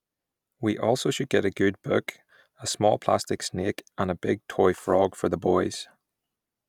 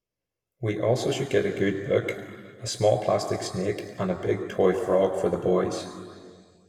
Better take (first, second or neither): first